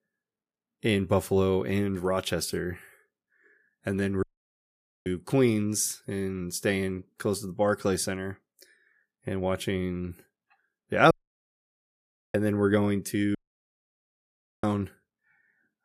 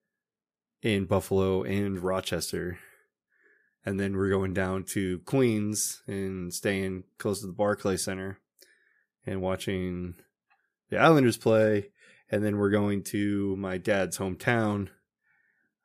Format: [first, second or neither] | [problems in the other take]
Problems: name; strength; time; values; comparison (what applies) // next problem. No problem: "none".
second | audio cutting out; at 4 s for 1 s, at 11 s for 1 s and at 13 s for 1.5 s